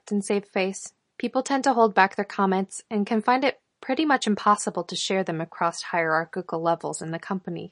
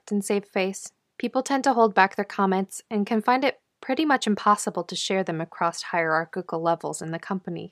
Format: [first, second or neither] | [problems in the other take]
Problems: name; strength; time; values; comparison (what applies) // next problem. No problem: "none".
second | garbled, watery; slightly; nothing above 10.5 kHz